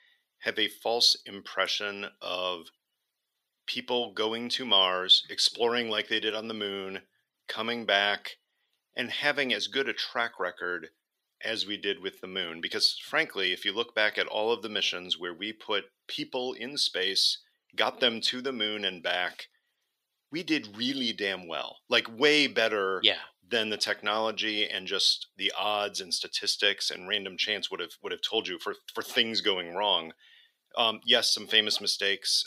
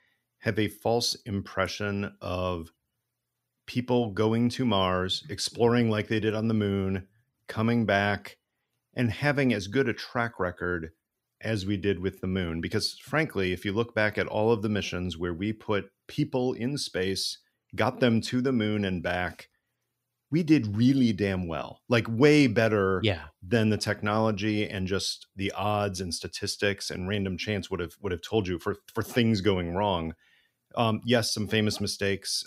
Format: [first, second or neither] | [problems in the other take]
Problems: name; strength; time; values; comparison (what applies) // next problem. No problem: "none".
second | thin; somewhat; fading below 450 Hz